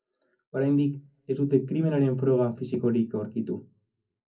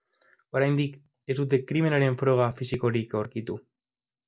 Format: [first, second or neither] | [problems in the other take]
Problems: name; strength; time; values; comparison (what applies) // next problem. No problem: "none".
second | room echo; dies away in 0.4 s